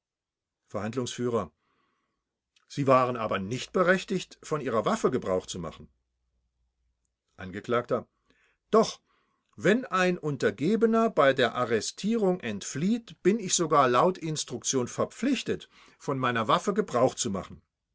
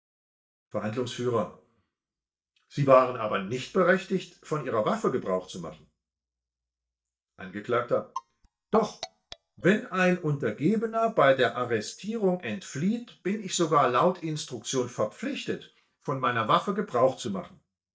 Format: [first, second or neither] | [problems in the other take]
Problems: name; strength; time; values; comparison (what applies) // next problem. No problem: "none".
first | noise reduction (neural mask model DeepFilterNet 3)